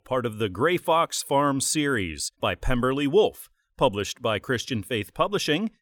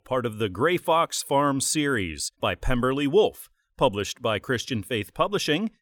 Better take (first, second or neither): neither